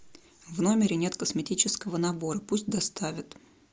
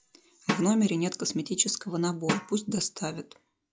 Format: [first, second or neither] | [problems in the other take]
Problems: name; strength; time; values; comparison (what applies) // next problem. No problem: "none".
first | noise reduction (classical method log-MMSE)